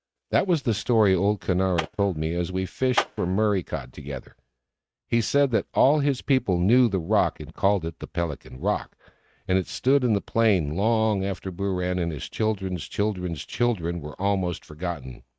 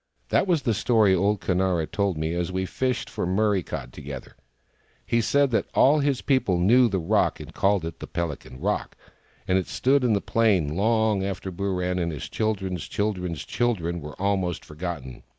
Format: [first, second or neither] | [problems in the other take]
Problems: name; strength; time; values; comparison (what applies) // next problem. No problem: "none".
second | noise reduction (neural mask model RNNoise)